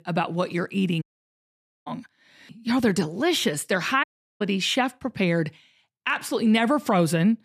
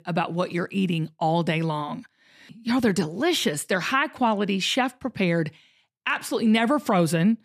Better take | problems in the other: second | audio cutting out; at 1 s for 1 s and at 4 s

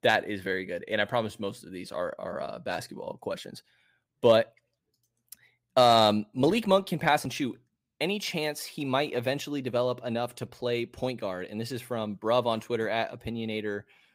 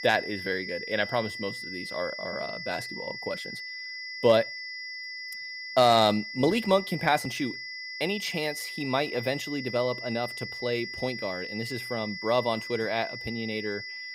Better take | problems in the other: first | high-pitched whine; loud; throughout; 2 kHz, 7 dB below the speech

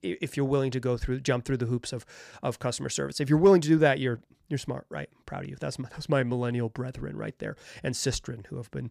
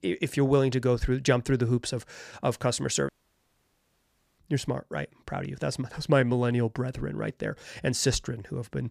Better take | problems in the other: first | audio cutting out; at 3 s for 1.5 s

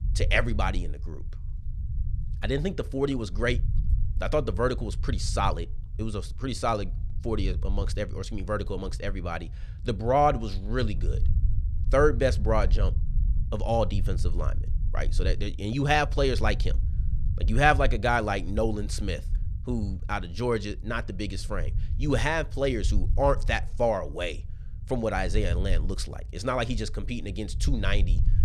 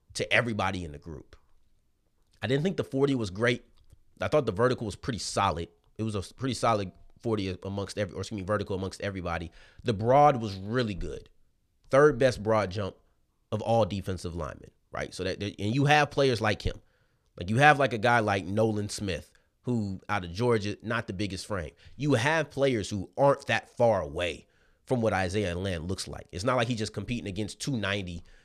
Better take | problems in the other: second | low rumble; faint; throughout; 20 dB below the speech

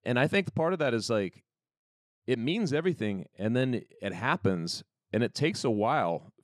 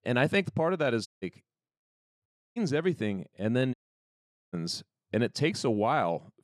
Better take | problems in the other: first | audio cutting out; at 1 s, at 2.5 s and at 3.5 s for 1 s

